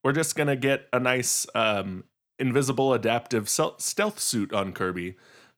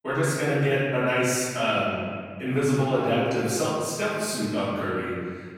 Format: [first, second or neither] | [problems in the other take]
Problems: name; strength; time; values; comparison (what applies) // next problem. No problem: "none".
first | off-mic speech; far // room echo; strong; dies away in 2 s